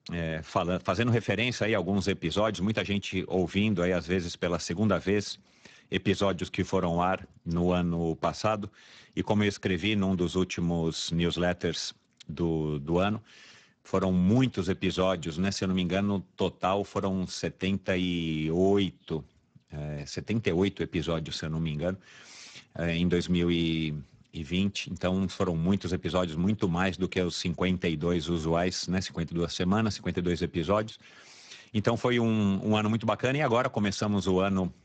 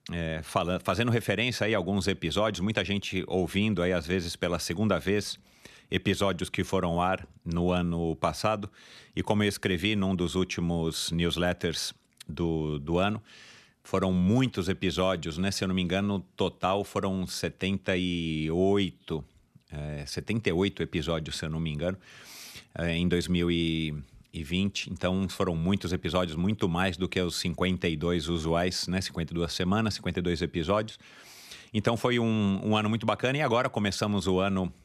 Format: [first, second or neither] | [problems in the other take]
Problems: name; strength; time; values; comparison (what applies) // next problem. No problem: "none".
second | garbled, watery; badly; nothing above 7.5 kHz